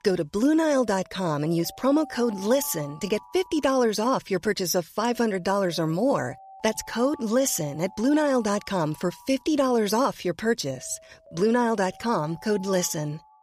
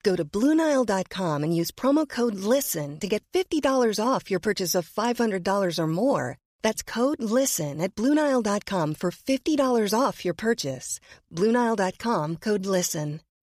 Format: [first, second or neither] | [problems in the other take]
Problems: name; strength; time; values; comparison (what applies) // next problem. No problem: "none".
second | alarms or sirens; faint; throughout; 20 dB below the speech